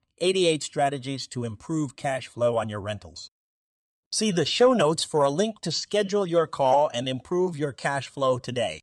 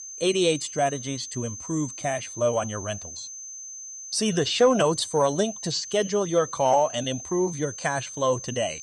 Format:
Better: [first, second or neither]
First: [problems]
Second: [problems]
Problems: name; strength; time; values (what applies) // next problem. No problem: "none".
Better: first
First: none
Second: high-pitched whine; noticeable; throughout; 6.5 kHz, 10 dB below the speech